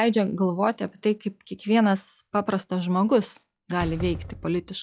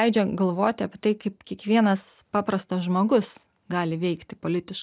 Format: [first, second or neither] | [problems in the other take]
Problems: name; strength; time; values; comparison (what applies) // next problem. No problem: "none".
second | noise reduction (classical method log-MMSE)